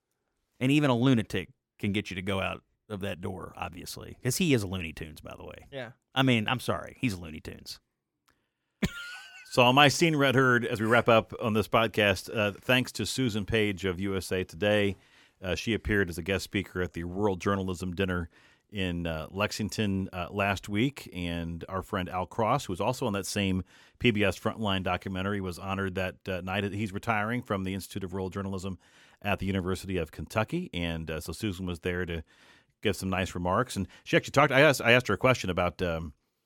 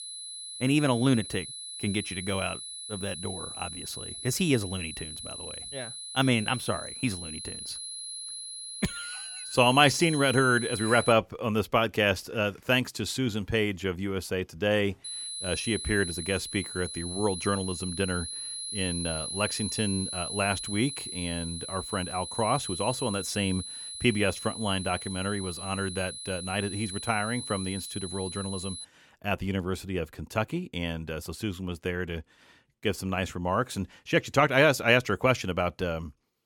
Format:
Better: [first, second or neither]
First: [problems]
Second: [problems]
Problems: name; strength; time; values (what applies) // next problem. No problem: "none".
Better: first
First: none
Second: high-pitched whine; loud; until 11 s and from 15 to 29 s; 4 kHz, 7 dB below the speech